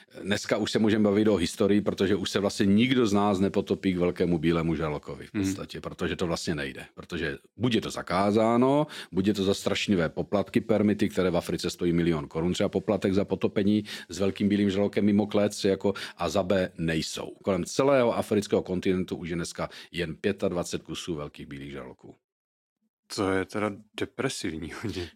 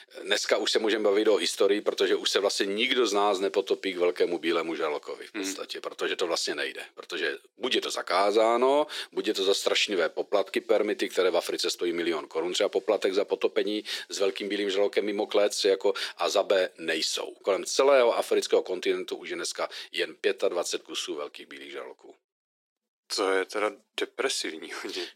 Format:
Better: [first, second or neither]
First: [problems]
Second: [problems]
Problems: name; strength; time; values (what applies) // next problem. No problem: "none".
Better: first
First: none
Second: thin; very; fading below 400 Hz